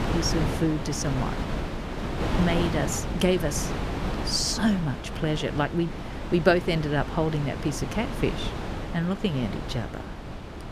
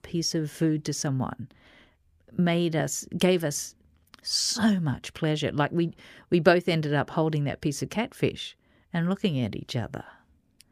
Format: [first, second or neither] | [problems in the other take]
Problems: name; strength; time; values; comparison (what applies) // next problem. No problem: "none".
second | wind noise on the microphone; heavy; 5 dB below the speech